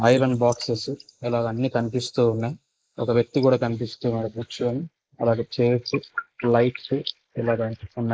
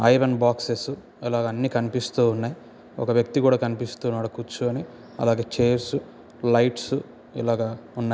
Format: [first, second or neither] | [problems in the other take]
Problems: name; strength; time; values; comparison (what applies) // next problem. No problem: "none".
second | noise reduction (neural mask model Resemble Enhance denoiser)